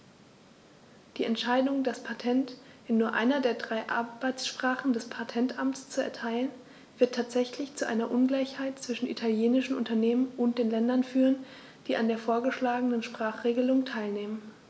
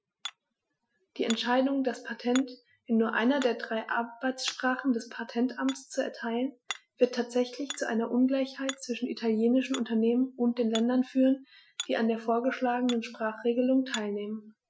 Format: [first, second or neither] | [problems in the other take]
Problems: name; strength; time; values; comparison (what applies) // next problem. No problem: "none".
first | noise reduction (classical method Wiener filter)